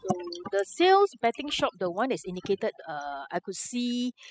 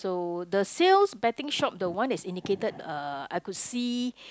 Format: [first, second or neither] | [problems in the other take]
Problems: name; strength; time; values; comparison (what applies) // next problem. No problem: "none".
second | noise reduction (classical method spectral subtraction)